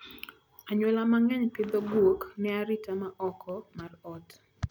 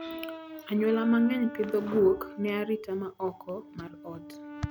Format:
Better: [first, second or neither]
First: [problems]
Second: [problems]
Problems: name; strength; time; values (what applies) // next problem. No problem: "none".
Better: first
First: none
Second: background sound (Brass instrument); 14 dB below the speech